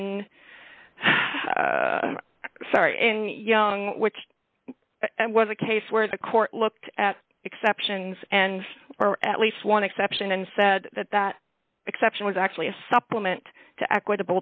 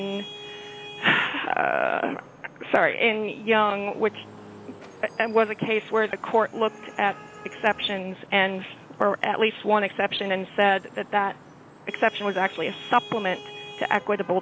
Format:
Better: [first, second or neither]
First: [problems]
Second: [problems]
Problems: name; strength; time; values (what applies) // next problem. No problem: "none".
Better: first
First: none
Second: background sound (Traffic noise, roadway noise / Vehicle horn, car horn, honking); 18 dB below the speech